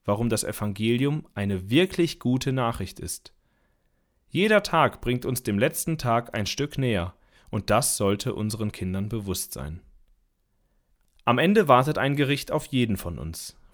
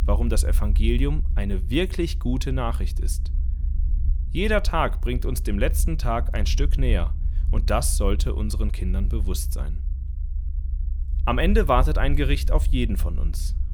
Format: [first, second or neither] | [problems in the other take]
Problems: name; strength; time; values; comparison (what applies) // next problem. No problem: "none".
first | low rumble; noticeable; throughout; 20 dB below the speech